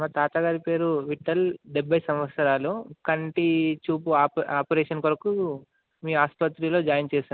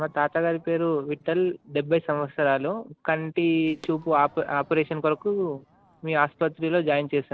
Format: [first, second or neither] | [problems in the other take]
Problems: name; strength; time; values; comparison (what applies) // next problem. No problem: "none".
first | noise reduction (neural separator model SepFormer DNS4)